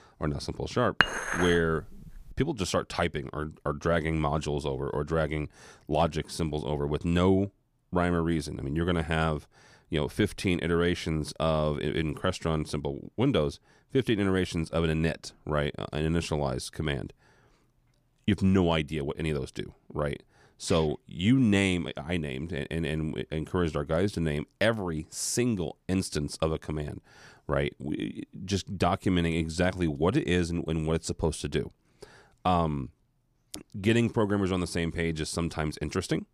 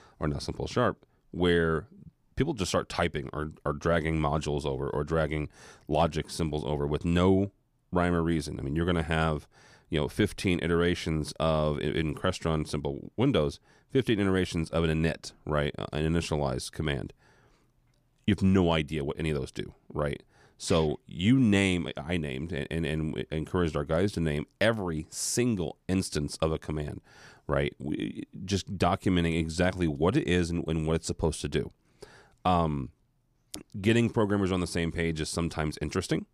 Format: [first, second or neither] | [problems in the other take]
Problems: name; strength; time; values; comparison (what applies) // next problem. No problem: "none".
second | clattering dishes; loud; at 1 s; peak 3 dB above the speech